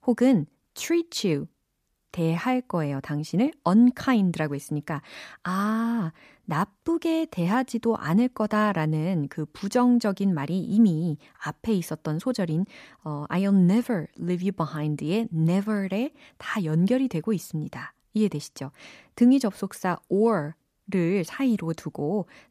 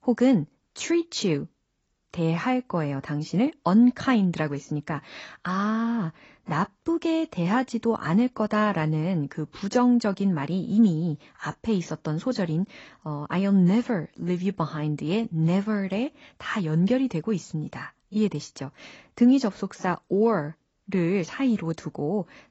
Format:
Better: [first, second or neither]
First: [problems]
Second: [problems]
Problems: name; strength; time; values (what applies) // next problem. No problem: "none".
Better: first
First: none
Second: garbled, watery; badly; nothing above 7.5 kHz